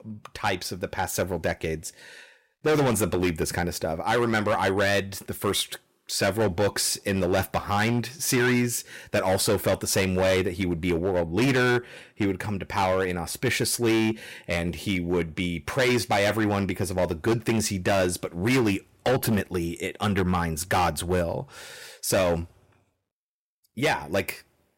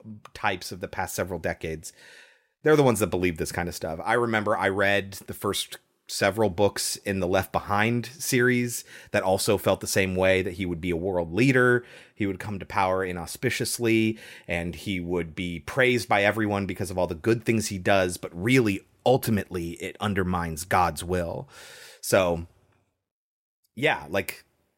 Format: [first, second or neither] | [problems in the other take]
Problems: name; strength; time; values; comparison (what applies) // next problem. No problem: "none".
second | distortion; heavy; 10% of the sound clipped